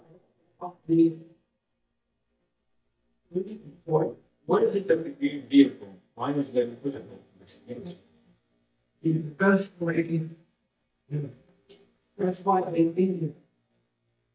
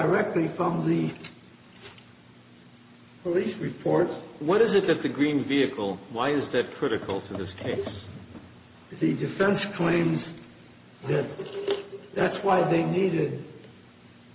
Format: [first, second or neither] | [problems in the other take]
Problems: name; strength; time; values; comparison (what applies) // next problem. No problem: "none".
second | noise reduction (neural mask model DeepFilterNet 3)